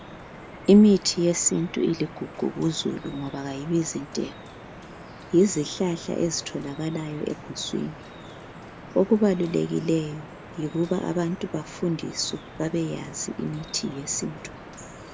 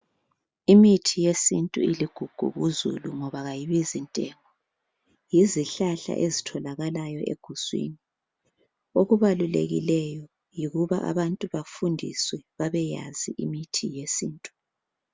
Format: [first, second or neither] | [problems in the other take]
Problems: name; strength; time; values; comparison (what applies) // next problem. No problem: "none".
second | background sound (Drip); 16 dB below the speech